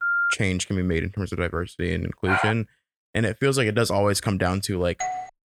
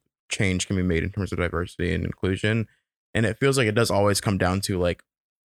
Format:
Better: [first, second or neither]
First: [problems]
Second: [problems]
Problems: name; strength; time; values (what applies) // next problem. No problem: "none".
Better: second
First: phone ringing; loud; at the start; peak 3 dB above the speech // dog barking; loud; at 2.5 s; peak level with the speech // doorbell; noticeable; at 5 s; peak 5 dB below the speech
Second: none